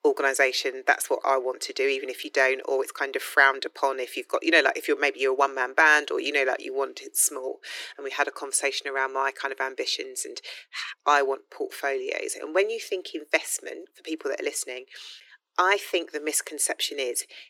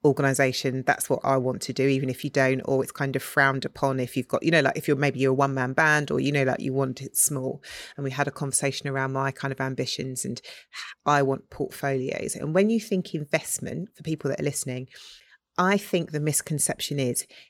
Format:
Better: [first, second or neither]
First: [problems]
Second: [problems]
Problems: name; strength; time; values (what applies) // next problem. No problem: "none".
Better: second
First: thin; very; fading below 300 Hz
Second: none